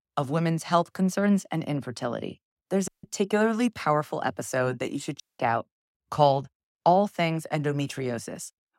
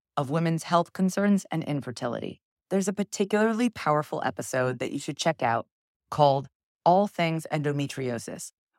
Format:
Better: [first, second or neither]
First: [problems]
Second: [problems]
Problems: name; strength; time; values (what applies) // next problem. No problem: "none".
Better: second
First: audio cutting out; at 3 s and at 5 s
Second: none